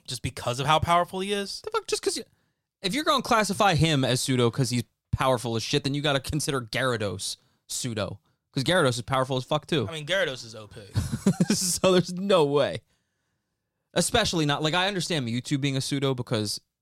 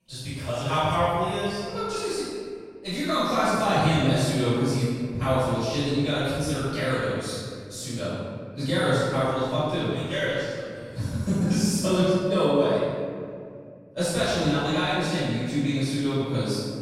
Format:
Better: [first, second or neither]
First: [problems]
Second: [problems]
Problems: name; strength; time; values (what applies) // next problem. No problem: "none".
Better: first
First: none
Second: off-mic speech; far // room echo; strong; dies away in 2.1 s